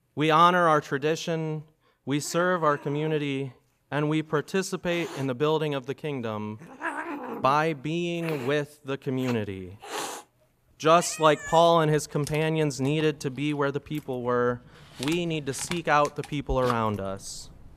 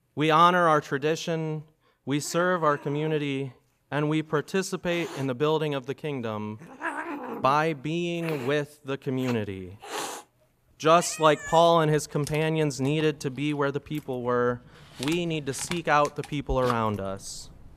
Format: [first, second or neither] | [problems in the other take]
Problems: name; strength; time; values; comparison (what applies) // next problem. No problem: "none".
neither | animal sounds; noticeable; throughout; 15 dB below the speech; the same in both